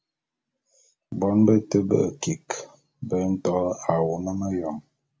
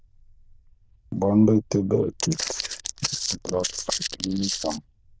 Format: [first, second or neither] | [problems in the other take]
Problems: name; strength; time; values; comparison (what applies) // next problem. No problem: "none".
first | noise reduction (neural diffusion model UNIVERSE++)